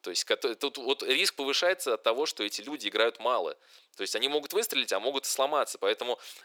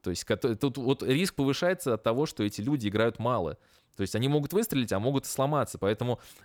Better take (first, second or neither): second